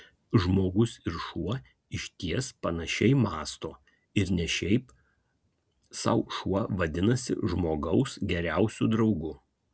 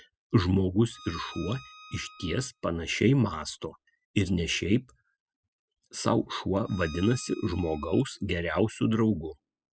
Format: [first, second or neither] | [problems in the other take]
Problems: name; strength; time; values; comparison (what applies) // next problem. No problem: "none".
first | noise reduction (classical method spectral subtraction)